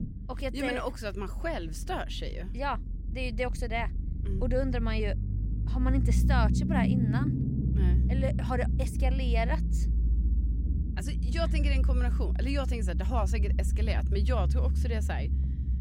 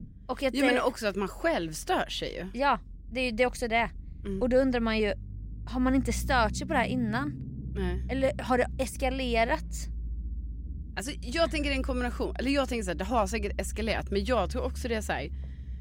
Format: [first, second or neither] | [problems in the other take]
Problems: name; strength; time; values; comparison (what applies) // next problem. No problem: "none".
second | low rumble; loud; throughout; 8 dB below the speech; faint in the second